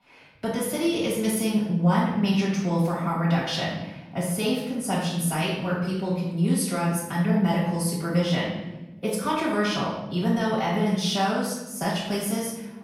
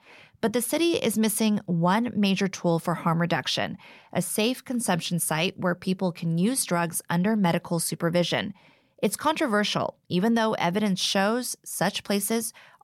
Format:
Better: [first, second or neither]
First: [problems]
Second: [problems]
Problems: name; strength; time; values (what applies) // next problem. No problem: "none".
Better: second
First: room echo; noticeable; dies away in 1 s // off-mic speech; far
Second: none